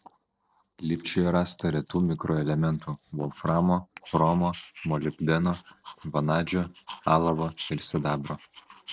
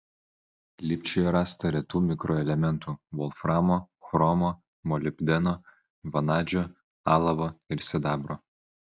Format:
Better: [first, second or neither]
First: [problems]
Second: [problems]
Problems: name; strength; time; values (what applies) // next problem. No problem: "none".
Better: second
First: noise reduction (neural separator model SepFormer DNS4)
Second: none